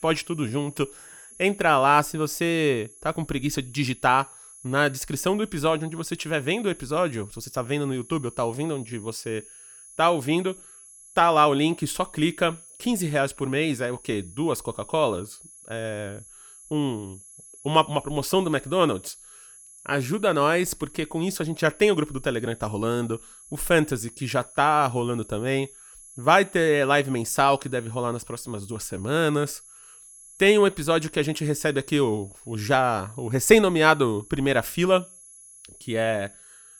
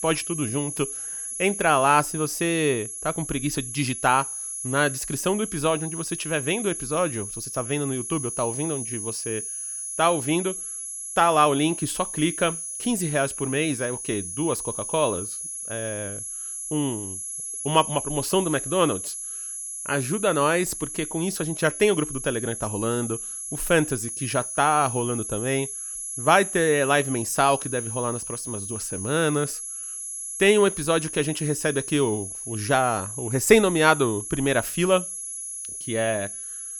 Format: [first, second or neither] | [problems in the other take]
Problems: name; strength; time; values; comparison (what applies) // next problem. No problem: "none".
first | high-pitched whine; loud; throughout; 10.5 kHz, 6 dB below the speech; faint in the first